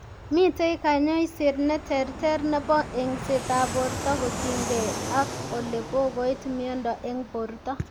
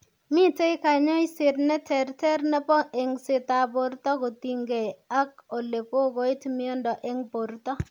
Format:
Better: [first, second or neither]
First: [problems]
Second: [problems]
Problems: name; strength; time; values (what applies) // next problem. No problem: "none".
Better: second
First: background sound (Fixed-wing aircraft, airplane); 9 dB below the speech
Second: none